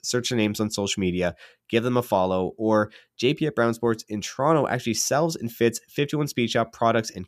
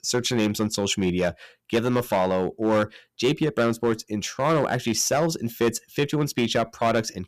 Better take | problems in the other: first | distortion; slight; 6% of the sound clipped

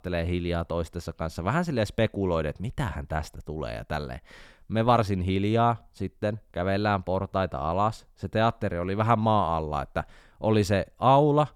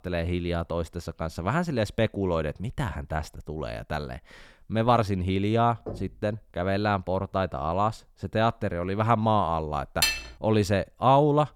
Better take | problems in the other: first | door banging; faint; at 6 s; peak 15 dB below the speech // clattering dishes; loud; at 10 s; peak 2 dB above the speech

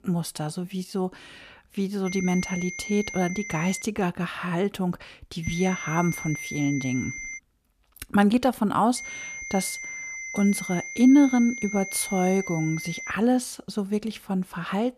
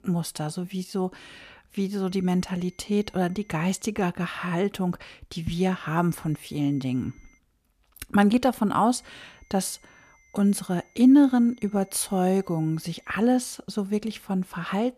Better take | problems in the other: second | high-pitched whine; loud; from 2 to 4 s, from 5.5 to 7.5 s and from 9 to 13 s; 2 kHz, 9 dB below the speech; faint in the second

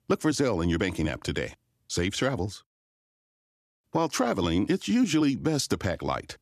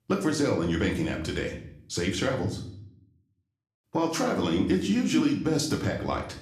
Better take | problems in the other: first | room echo; slight; dies away in 0.5 s // off-mic speech; somewhat distant

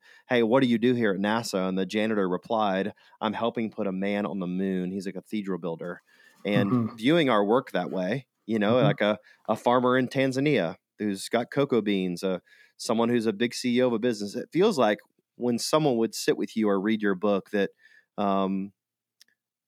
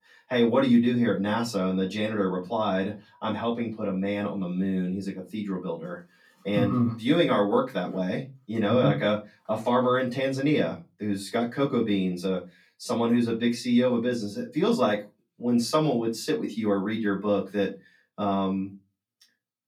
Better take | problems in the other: first | off-mic speech; far // room echo; very slight; dies away in 0.2 s

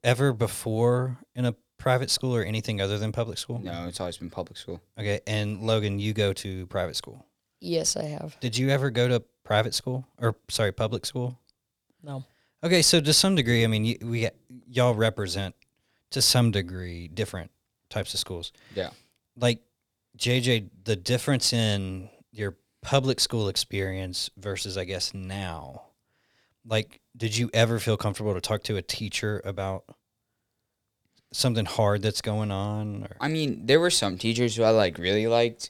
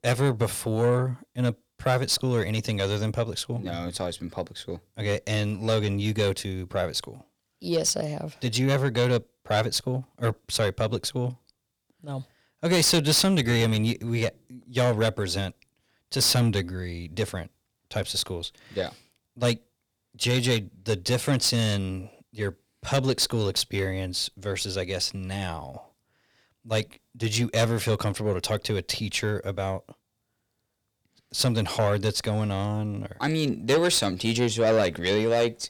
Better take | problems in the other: first | distortion; slight; 10 dB below the speech

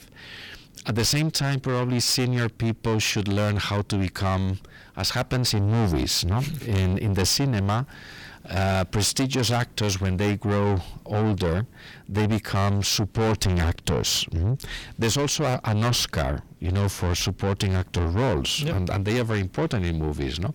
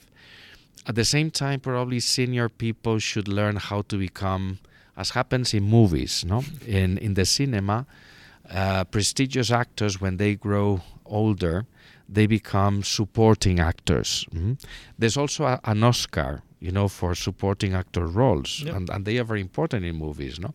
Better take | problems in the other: second | distortion; heavy; 6 dB below the speech

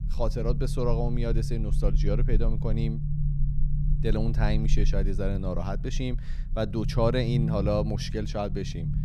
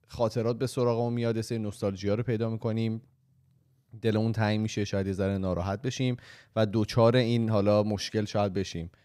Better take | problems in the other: second | low rumble; noticeable; throughout; 10 dB below the speech

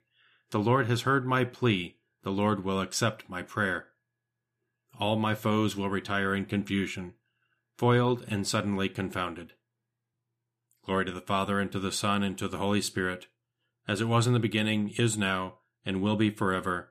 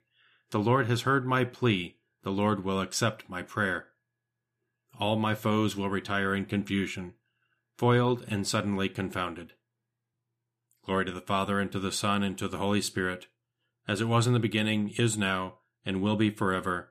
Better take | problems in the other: neither | none

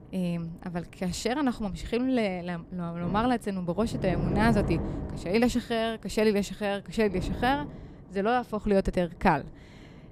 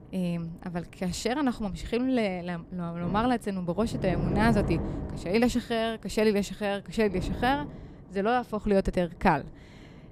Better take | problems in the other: neither | wind noise on the microphone; occasional gusts; 10 dB below the speech; the same in both

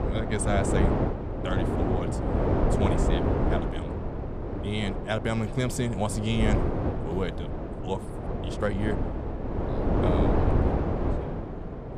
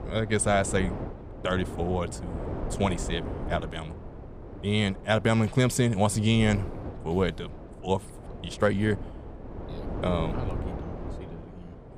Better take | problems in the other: second | wind noise on the microphone; heavy; 1 dB above the speech; occasional gusts in the second

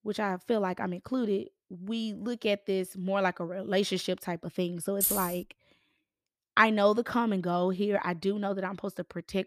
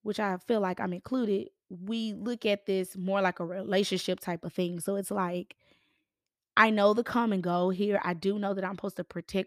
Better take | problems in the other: second | jangling keys; loud; at 5 s; peak 3 dB above the speech

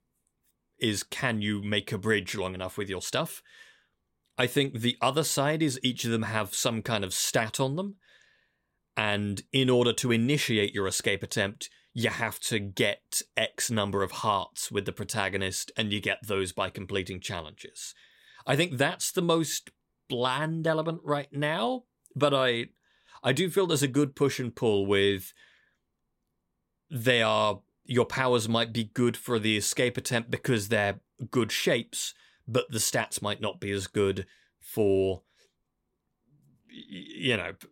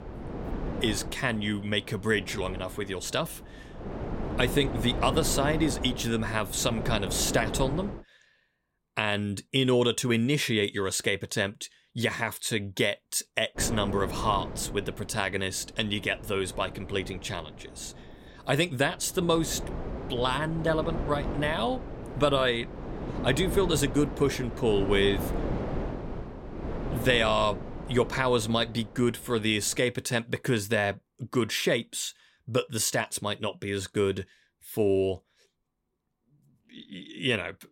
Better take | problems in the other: first | wind noise on the microphone; occasional gusts; until 8 s and from 14 to 30 s; 10 dB below the speech

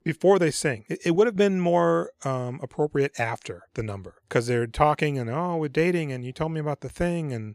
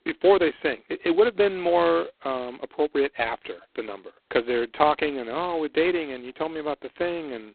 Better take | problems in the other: first | phone-call audio; poor line; nothing above 4 kHz

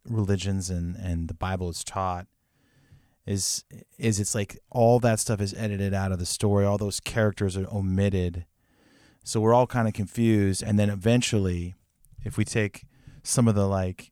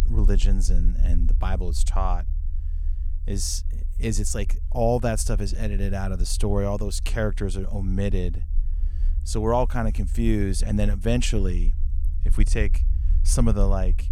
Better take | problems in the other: first | low rumble; faint; throughout; 20 dB below the speech

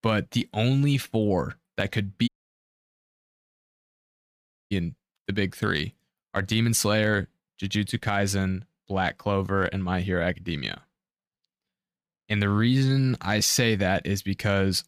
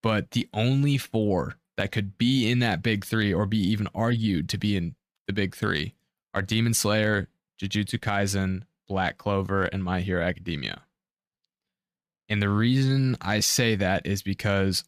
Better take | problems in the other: second | audio cutting out; at 2.5 s for 2.5 s

